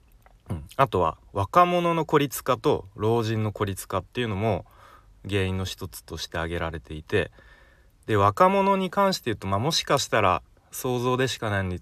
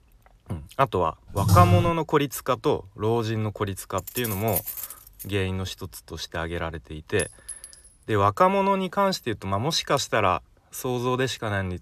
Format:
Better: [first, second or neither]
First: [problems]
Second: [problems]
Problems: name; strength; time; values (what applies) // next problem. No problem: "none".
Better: first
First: none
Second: keyboard typing; loud; at 1.5 s; peak 6 dB above the speech // jangling keys; noticeable; from 4 to 5 s; peak 3 dB below the speech // clattering dishes; noticeable; at 7 s; peak 8 dB below the speech